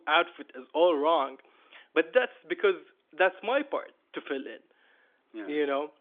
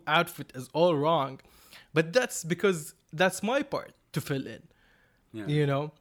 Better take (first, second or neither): second